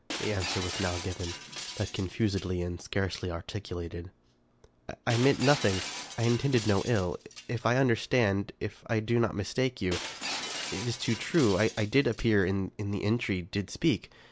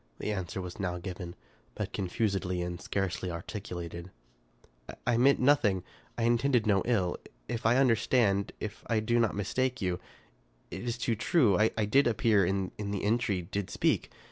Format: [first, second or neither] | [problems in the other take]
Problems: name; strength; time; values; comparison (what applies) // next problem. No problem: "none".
second | background sound (Shatter); 11 dB below the speech